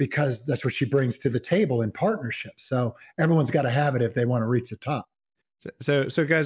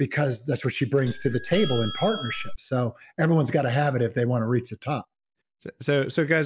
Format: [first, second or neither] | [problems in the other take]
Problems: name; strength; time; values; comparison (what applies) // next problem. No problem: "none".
first | background sound (Doorbell); 7 dB below the speech